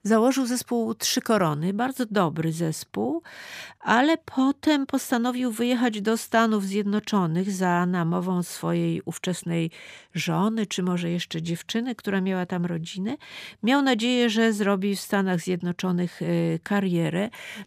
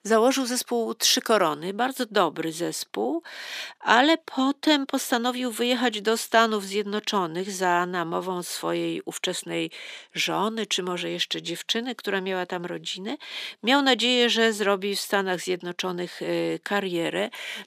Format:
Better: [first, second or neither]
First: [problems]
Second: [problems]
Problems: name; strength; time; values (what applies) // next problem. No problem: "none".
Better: first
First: none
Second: thin; somewhat; fading below 300 Hz